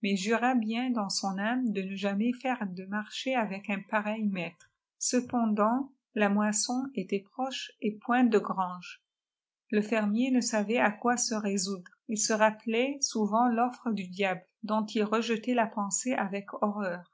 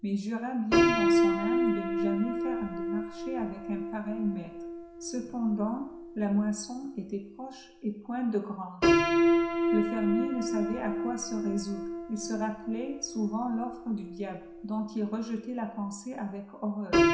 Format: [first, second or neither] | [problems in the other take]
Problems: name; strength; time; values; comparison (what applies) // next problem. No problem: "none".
first | background sound (Piano); 3 dB above the speech // room echo; dies away in 0.7 s